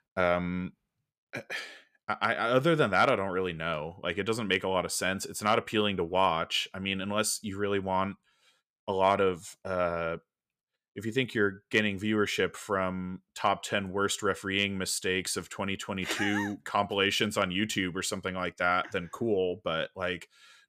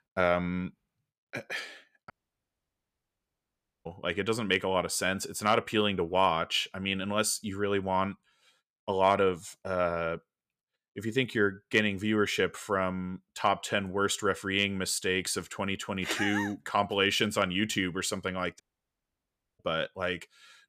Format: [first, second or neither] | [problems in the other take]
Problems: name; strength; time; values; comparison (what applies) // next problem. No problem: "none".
first | audio cutting out; at 2 s for 2 s and at 19 s for 1 s